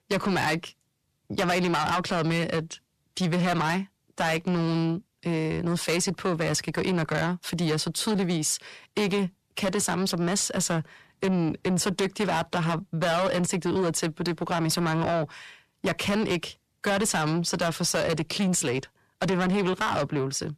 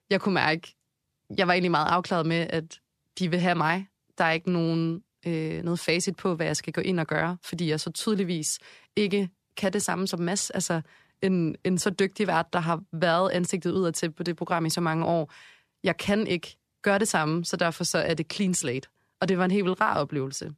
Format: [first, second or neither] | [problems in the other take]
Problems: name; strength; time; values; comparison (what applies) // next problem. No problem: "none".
second | distortion; heavy; 8 dB below the speech